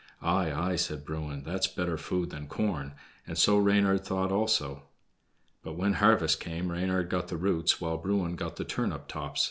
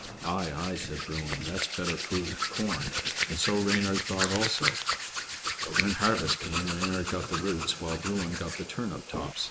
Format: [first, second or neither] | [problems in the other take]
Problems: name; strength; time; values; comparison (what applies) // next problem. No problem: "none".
first | noise reduction (neural mask model Resemble Enhance denoiser)